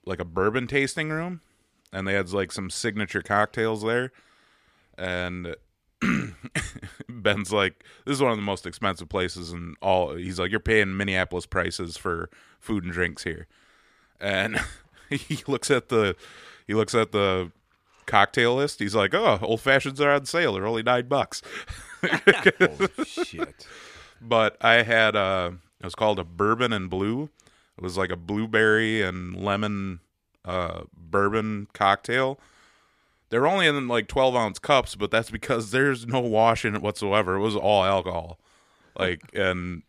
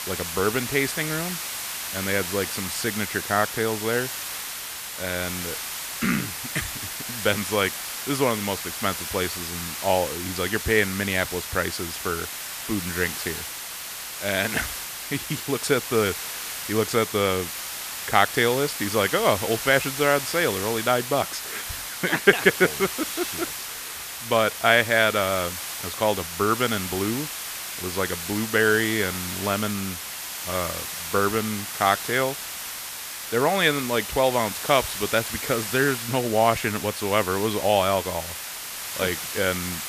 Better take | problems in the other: first | hiss; loud; throughout; 6 dB below the speech

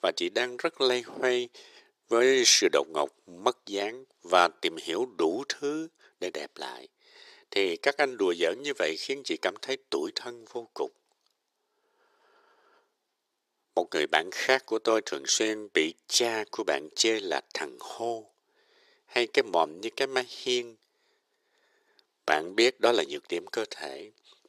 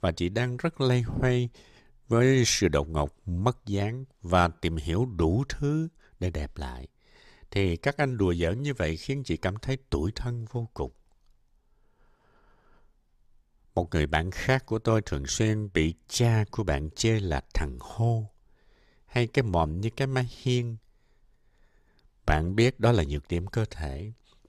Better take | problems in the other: second | thin; very; fading below 350 Hz

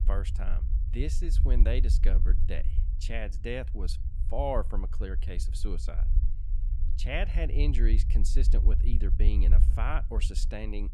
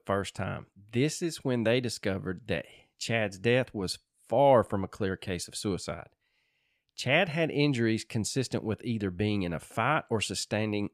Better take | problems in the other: second | low rumble; noticeable; throughout; 10 dB below the speech

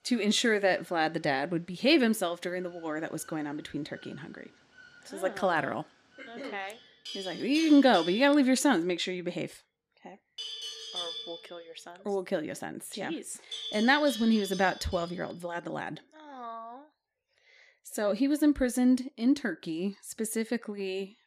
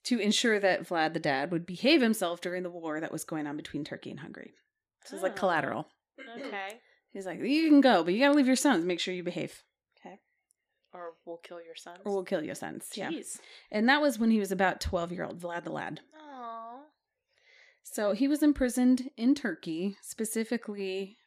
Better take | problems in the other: second | animal sounds; noticeable; until 15 s; 10 dB below the speech

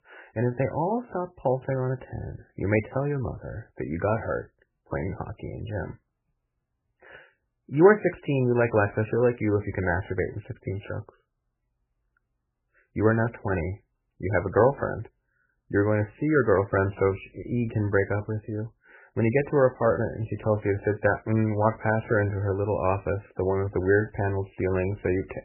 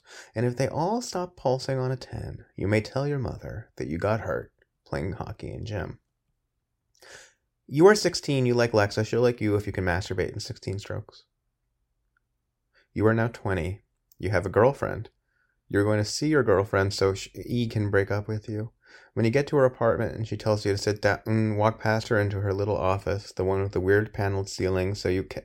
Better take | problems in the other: second | garbled, watery; badly; nothing above 2.5 kHz

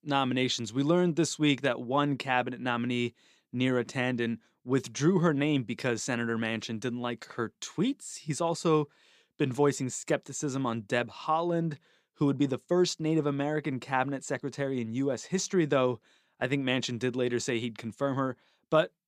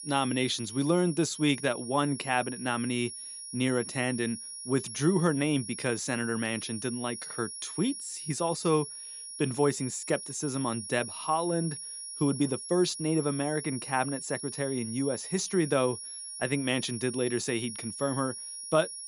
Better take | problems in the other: first | high-pitched whine; loud; throughout; 10.5 kHz, 8 dB below the speech

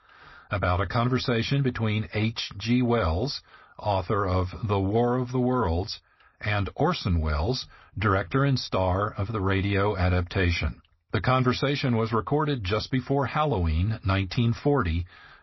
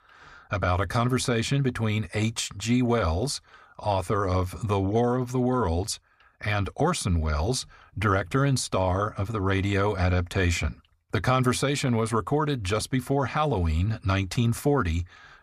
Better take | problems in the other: second | garbled, watery; slightly; nothing above 5.5 kHz

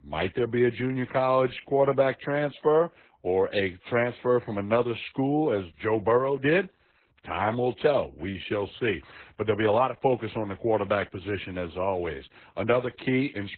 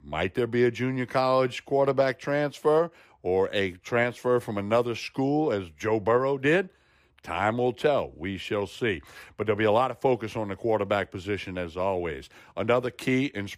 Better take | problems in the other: second | garbled, watery; badly; nothing above 4 kHz

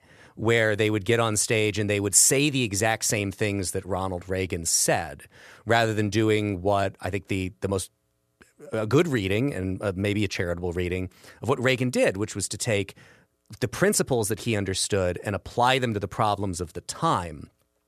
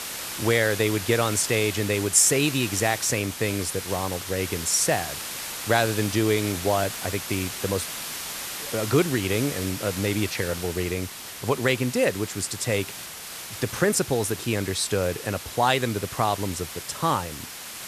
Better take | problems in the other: first | hiss; loud; throughout; 8 dB below the speech

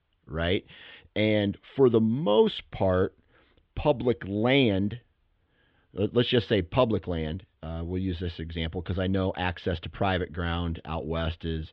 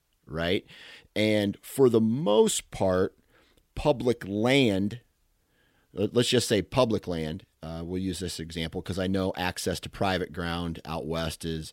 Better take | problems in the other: second | muffled; very; fading above 3.5 kHz

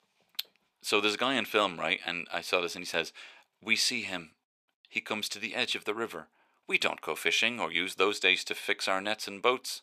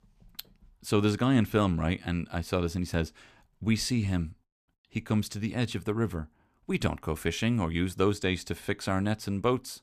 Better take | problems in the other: second | thin; very; fading below 550 Hz

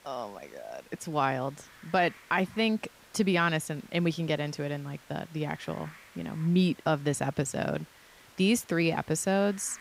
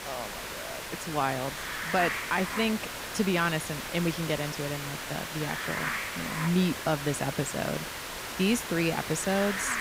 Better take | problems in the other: first | hiss; loud; throughout; 4 dB below the speech; faint in the first

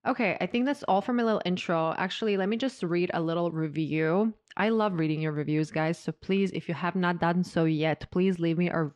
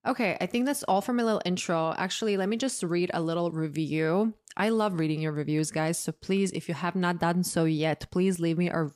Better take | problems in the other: second | muffled; slightly; fading above 3 kHz

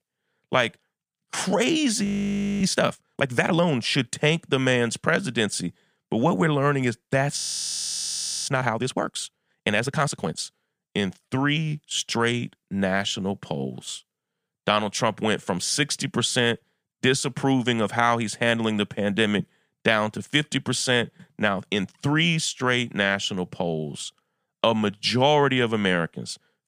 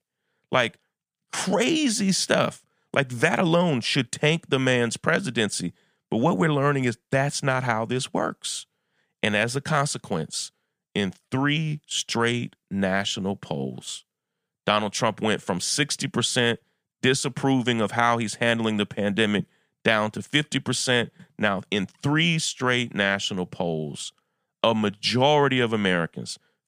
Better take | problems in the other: second | audio freezing; at 2 s for 0.5 s and at 7.5 s for 1 s

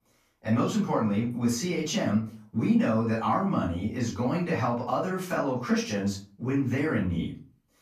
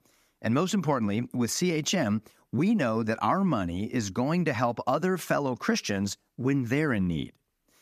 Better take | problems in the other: second | off-mic speech; far // room echo; slight; dies away in 0.3 s

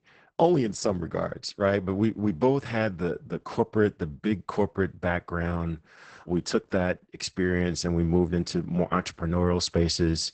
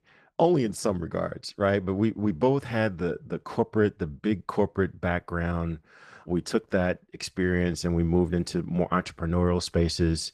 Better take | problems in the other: second | garbled, watery; badly; nothing above 8 kHz; slightly in the second

